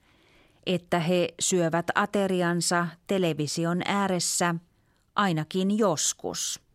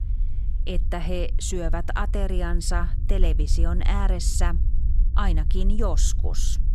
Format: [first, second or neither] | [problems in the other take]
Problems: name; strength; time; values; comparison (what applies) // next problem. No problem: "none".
first | low rumble; noticeable; throughout; 15 dB below the speech